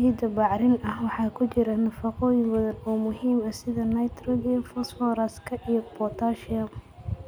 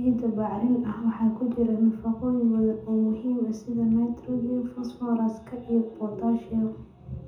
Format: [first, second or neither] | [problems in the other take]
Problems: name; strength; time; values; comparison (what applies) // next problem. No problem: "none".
first | room echo; dies away in 0.5 s